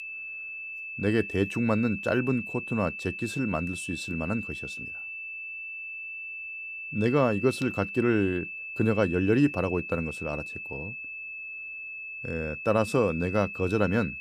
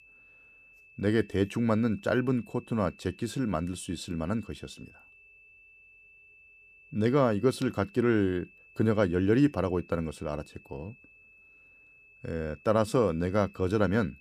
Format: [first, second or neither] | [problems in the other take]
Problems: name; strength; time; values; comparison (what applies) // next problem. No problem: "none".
second | high-pitched whine; loud; throughout; 2.5 kHz, 8 dB below the speech; faint in the second